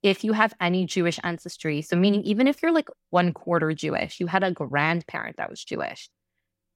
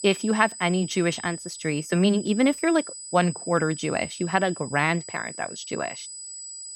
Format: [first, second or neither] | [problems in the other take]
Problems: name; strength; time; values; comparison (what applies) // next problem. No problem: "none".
first | high-pitched whine; noticeable; throughout; 8 kHz, 10 dB below the speech